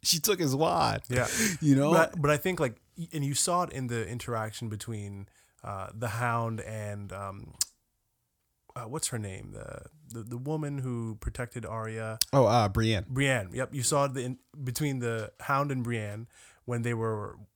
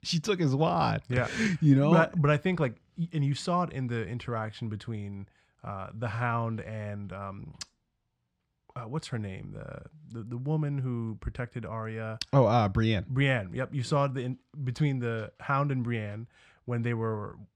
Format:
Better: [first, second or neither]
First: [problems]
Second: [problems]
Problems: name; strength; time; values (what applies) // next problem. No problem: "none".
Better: first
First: none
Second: muffled; slightly; fading above 3 kHz